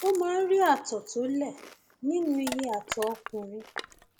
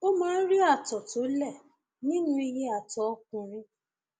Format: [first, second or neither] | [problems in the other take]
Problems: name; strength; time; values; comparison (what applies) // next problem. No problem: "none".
second | background sound (Chewing, mastication + Crushing); 15 dB below the speech